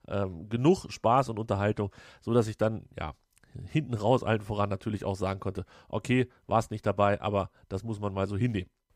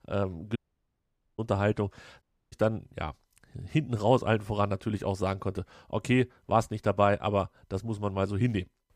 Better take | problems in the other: first | audio cutting out; at 0.5 s for 1 s and at 2 s

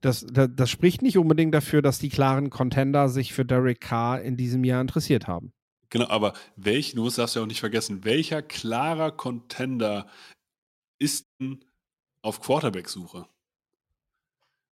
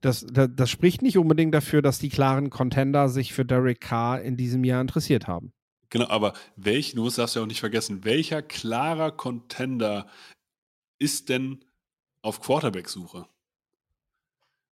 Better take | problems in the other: second | audio cutting out; at 11 s

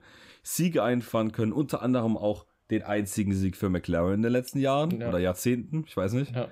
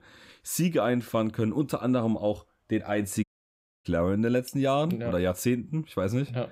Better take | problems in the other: first | audio cutting out; at 3 s for 0.5 s

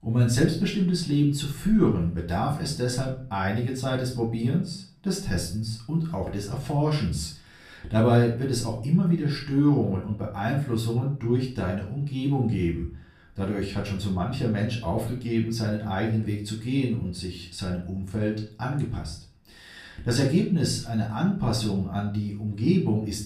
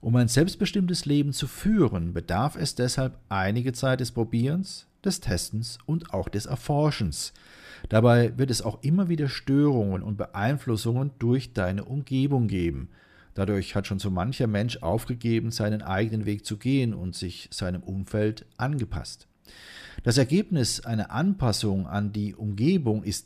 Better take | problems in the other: second | off-mic speech; far // room echo; slight; dies away in 0.4 s

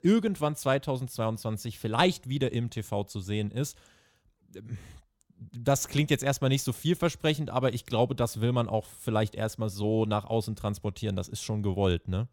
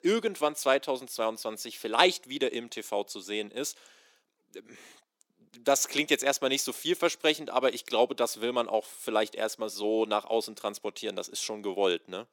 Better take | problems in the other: first | thin; somewhat; fading below 300 Hz

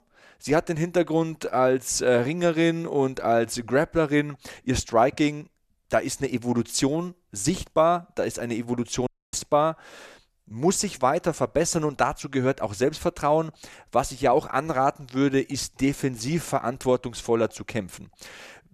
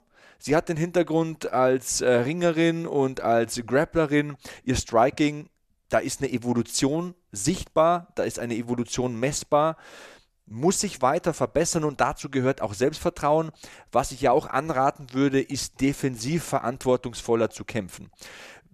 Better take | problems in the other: second | audio cutting out; at 9 s

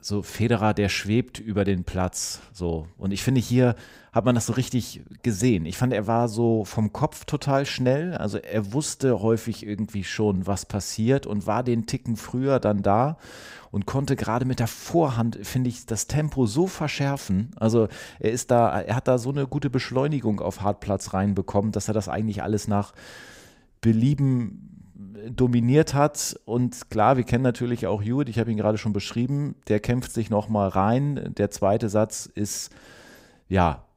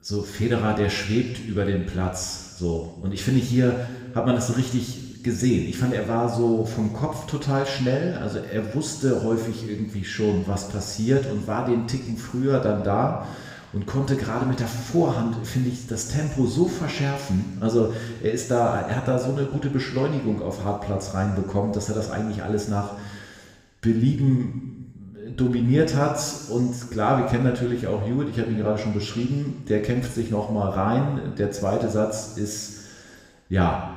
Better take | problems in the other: first | room echo; noticeable; dies away in 1.3 s // off-mic speech; somewhat distant

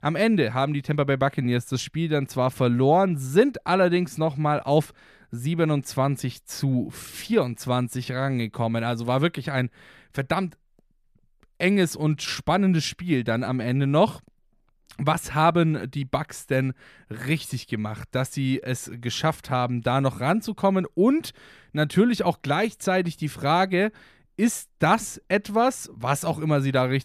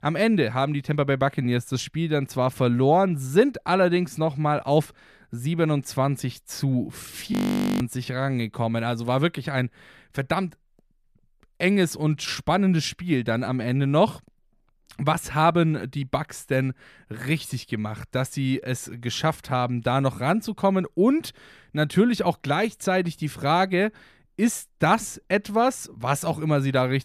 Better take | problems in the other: first | audio freezing; at 7.5 s

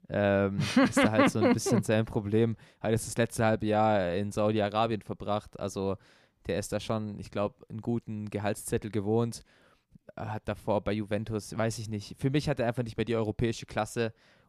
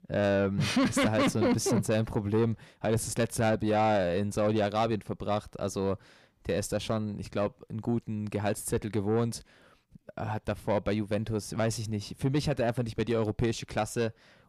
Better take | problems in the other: first | distortion; slight; 10 dB below the speech

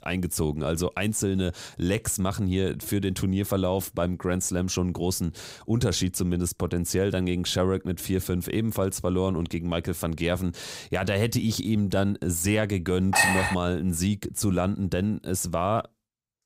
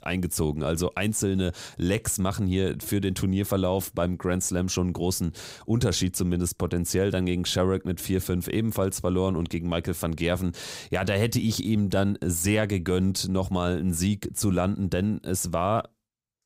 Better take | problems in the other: second | clattering dishes; loud; at 13 s; peak 5 dB above the speech

